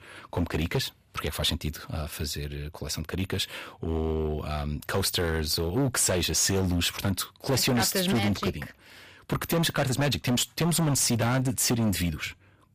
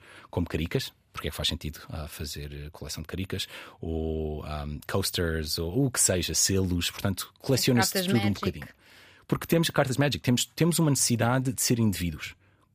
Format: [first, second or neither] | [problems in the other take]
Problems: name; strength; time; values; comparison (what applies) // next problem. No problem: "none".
second | distortion; heavy; 12% of the sound clipped